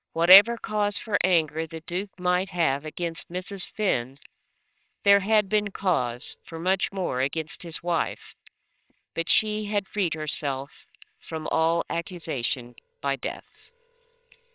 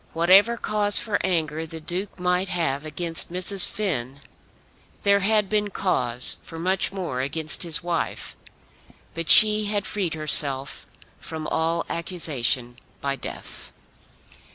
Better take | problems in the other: second | noise reduction (neural separator model SepFormer WHAMR!)

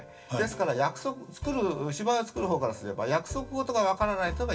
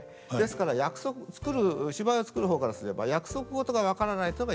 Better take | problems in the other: second | room echo; dies away in 0.2 s

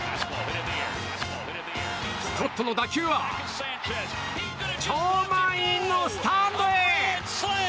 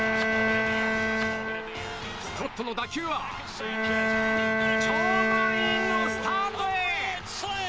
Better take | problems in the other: first | background sound (Bowed string instrument); 3 dB above the speech

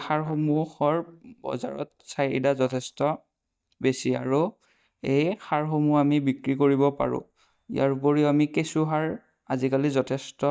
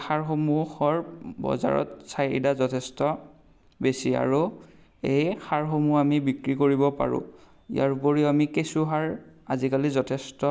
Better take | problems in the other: second | noise reduction (neural mask model DeepFilterNet 3)

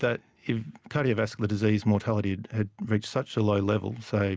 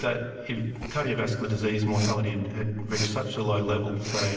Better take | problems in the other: first | background sound (Respiratory sounds); 12 dB below the speech // room echo; dies away in 1.3 s

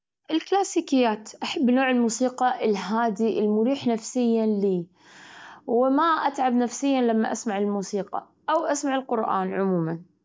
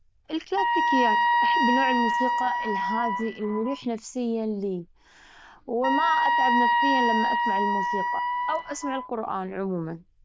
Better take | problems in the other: first | noise reduction (neural diffusion model UNIVERSE++)

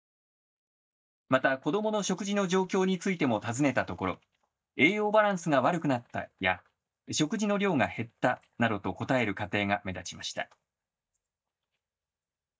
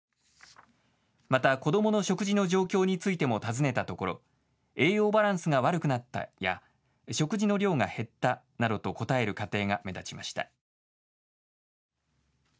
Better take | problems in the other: second | noise reduction (neural mask model DeepFilterNet 3)

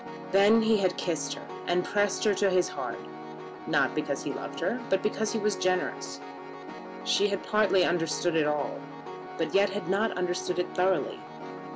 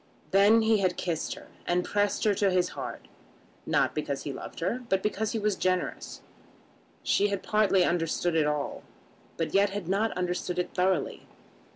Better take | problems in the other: second | background sound (Piano); 10 dB below the speech

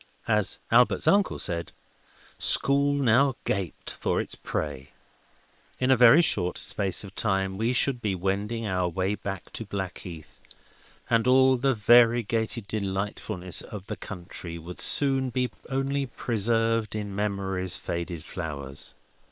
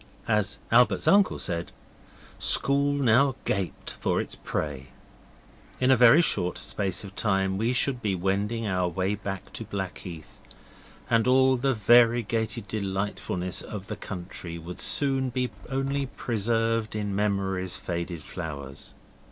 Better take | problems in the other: second | noise reduction (neural separator model SepFormer WHAM!)

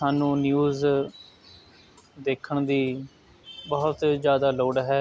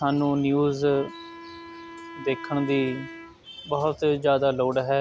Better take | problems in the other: first | background sound (Wind instrument, woodwind instrument); 17 dB below the speech

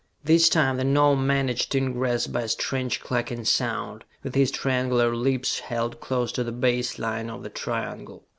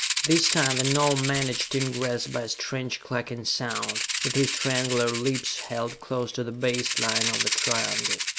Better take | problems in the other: first | background sound (Rattle (instrument)); 2 dB below the speech

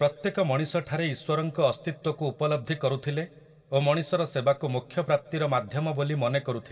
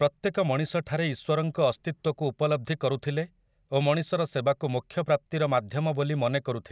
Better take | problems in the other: second | room echo; dies away in 1 s

